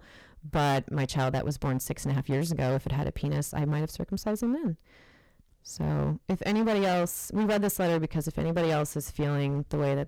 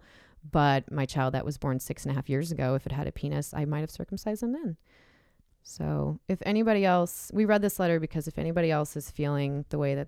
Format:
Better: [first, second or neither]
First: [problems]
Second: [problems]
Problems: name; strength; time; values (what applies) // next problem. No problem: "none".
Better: second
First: distortion; heavy; 13% of the sound clipped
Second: none